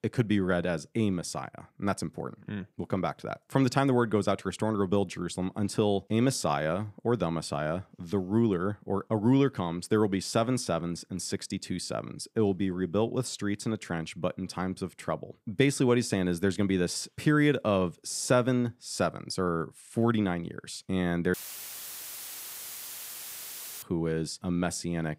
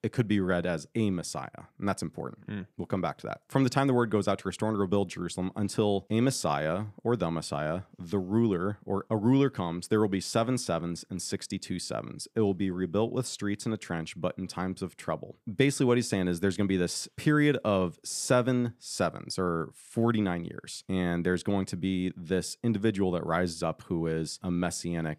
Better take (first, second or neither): second